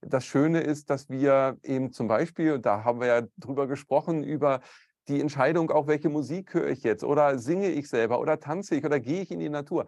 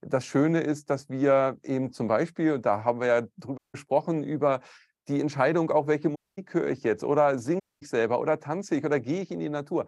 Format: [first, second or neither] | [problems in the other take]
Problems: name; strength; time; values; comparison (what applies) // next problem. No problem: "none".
first | audio cutting out; at 3.5 s, at 6 s and at 7.5 s